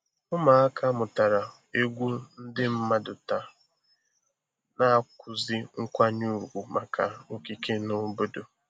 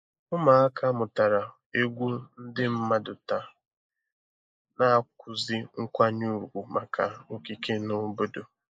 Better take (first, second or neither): first